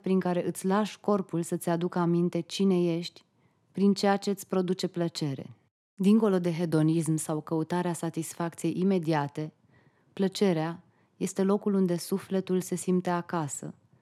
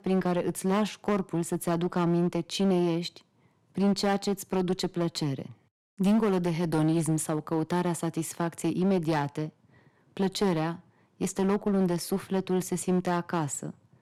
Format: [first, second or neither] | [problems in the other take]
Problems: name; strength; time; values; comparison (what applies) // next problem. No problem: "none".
first | distortion; slight; 8% of the sound clipped